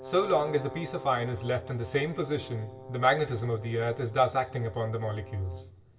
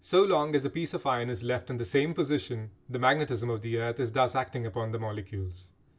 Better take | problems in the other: second | background sound (Brass instrument); 15 dB below the speech // room echo; dies away in 1.1 s

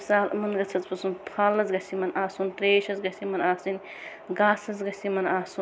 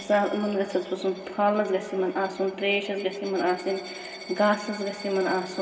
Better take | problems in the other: first | background sound (Coin (dropping)); 18 dB below the speech // room echo; dies away in 2.3 s

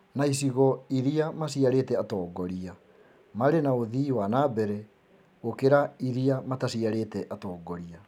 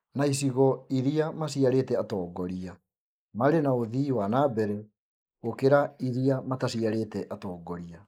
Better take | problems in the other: first | noise reduction (neural mask model Resemble Enhance denoiser)

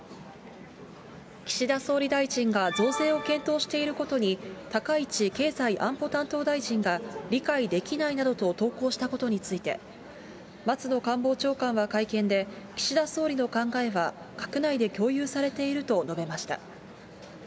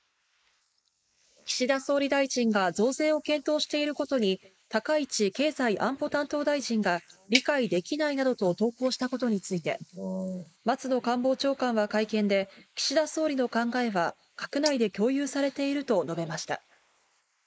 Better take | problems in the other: first | noise reduction (neural mask model Resemble Enhance denoiser)

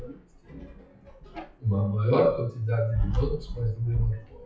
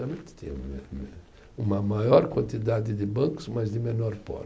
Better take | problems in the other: second | noise reduction (classical method WPE with log-MMSE)

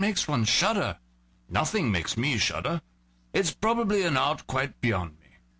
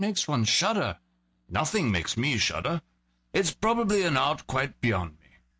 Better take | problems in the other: first | noise reduction (neural mask model DeepFilterNet 3)

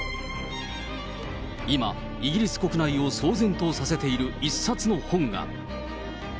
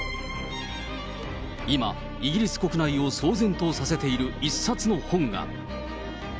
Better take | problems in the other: second | background sound (Bowed string instrument); 18 dB below the speech

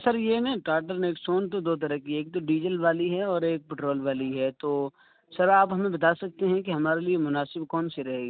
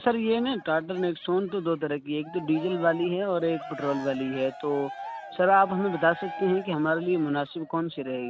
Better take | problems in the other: first | background sound (Cheering); 15 dB below the speech

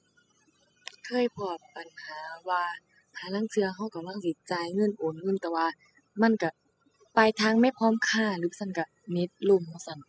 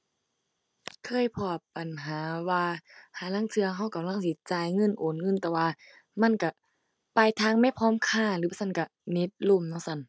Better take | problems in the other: second | noise reduction (classical method spectral subtraction)

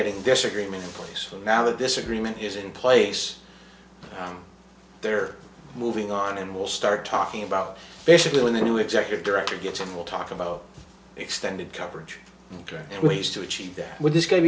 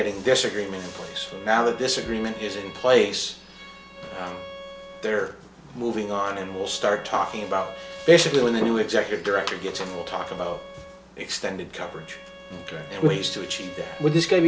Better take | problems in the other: first | background sound (Bowed string instrument); 17 dB below the speech

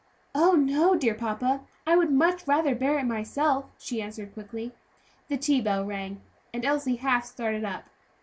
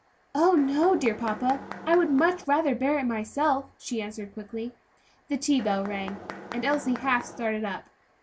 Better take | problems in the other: first | background sound (Mechanisms); 13 dB below the speech

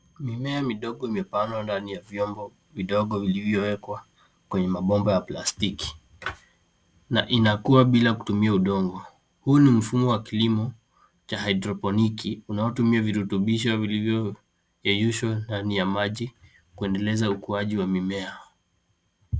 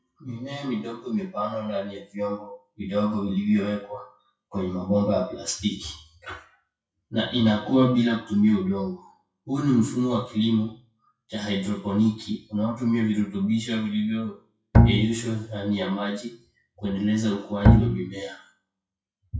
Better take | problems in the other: first | noise reduction (classical method WPE with log-MMSE)

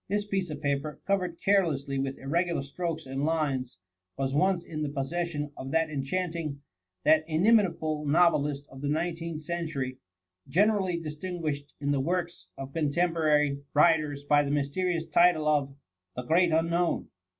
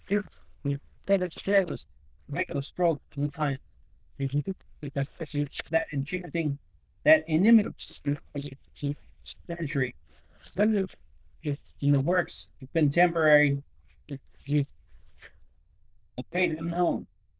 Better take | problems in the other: first | noise reduction (neural diffusion model UNIVERSE++)

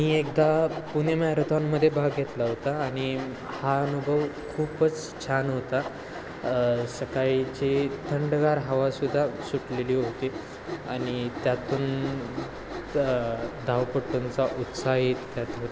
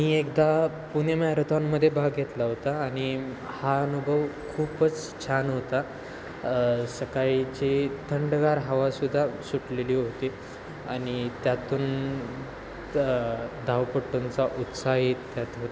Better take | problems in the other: second | background sound (Sawing); 14 dB below the speech

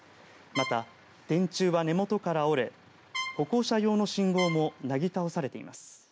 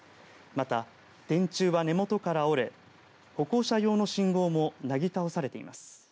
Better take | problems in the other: second | background sound (Trumpet); 10 dB below the speech

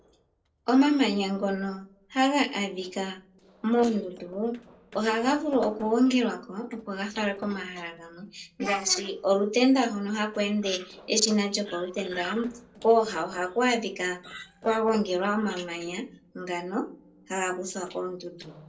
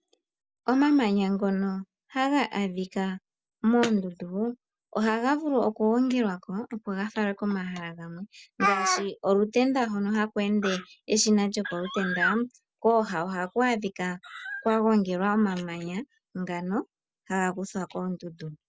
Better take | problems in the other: second | noise reduction (neural separator model SepFormer DNS4)

